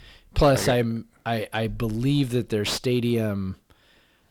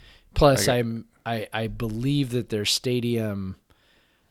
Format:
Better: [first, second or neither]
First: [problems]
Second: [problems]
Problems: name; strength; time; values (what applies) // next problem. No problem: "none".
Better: second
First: distortion; slight; 10 dB below the speech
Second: none